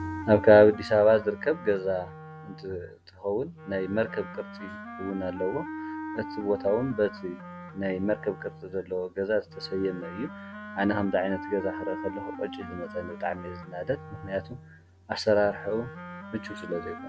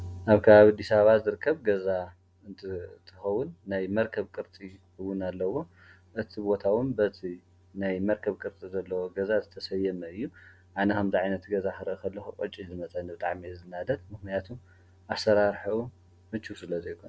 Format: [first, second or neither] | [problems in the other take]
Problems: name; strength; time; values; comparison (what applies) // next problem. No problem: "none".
second | background sound (Wind instrument, woodwind instrument); 13 dB below the speech